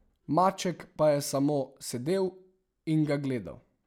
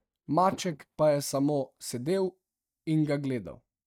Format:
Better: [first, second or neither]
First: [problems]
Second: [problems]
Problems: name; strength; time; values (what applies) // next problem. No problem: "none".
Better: first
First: none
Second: noise reduction (neural mask model DeepFilterNet 3)